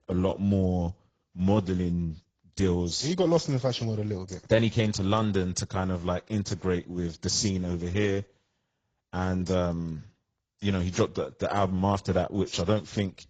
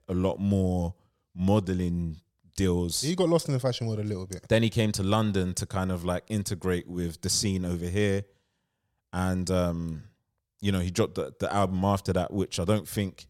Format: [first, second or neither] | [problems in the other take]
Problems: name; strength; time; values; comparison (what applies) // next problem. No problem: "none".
second | garbled, watery; badly; nothing above 7.5 kHz